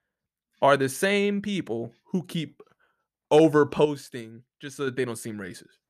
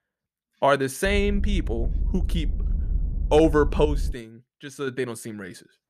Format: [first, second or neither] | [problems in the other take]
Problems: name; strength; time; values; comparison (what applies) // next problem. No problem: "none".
first | low rumble; faint; from 1 to 4 s; 25 dB below the speech